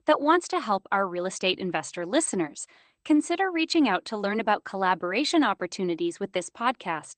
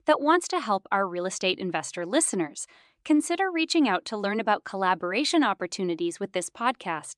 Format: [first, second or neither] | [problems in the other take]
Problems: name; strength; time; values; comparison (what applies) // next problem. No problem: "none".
second | garbled, watery; slightly; nothing above 8.5 kHz